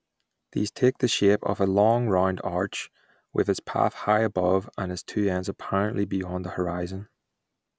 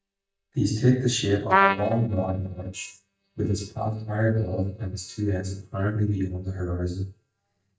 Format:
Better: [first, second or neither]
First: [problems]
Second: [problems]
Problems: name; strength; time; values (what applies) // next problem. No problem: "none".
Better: first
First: none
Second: noise reduction (neural mask model DeepFilterNet 3)